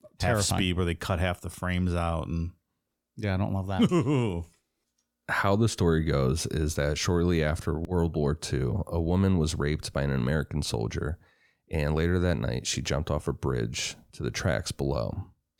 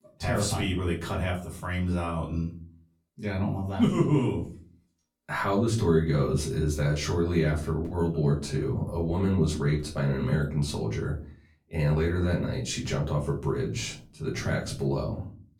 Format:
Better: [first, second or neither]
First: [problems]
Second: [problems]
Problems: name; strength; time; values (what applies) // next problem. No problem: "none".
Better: first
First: none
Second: off-mic speech; far // room echo; slight; dies away in 0.4 s